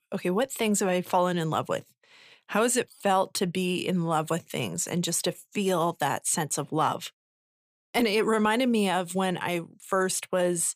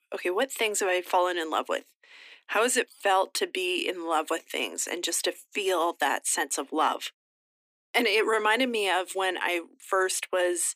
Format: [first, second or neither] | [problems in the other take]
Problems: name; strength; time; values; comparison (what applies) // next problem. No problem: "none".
first | thin; somewhat; fading below 250 Hz